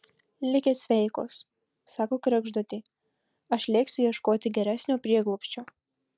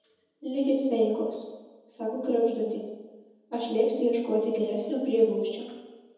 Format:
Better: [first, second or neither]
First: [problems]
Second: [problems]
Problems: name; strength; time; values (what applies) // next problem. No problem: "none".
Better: first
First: none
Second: room echo; dies away in 1.1 s